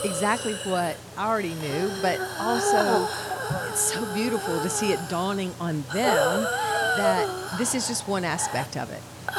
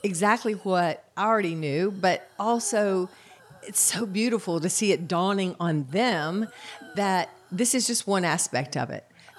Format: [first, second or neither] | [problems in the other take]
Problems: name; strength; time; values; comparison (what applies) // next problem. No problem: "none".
second | hiss; loud; throughout; as loud as the speech; faint in the second